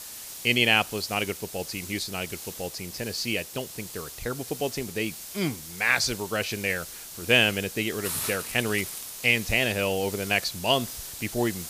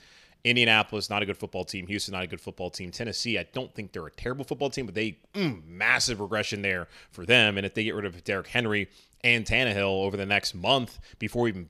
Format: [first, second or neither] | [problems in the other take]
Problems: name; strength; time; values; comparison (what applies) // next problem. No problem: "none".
second | hiss; loud; throughout; 10 dB below the speech